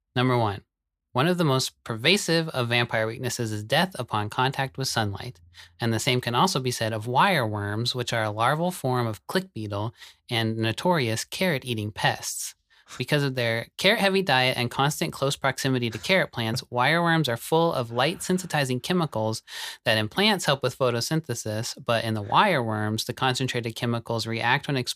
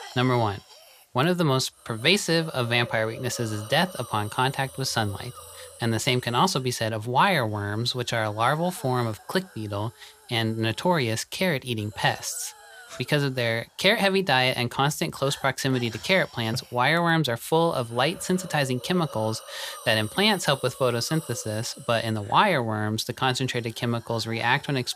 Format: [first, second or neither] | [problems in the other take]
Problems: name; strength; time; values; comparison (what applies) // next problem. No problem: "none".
first | hiss; noticeable; throughout; 20 dB below the speech